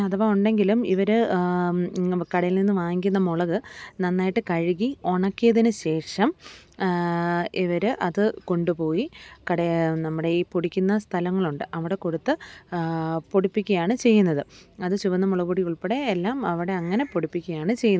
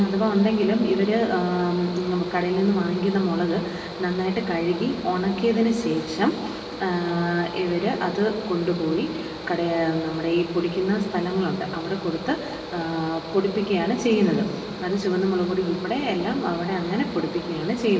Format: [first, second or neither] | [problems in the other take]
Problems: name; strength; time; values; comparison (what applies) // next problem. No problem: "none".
first | background sound (Mechanical fan); 12 dB below the speech // room echo; dies away in 2 s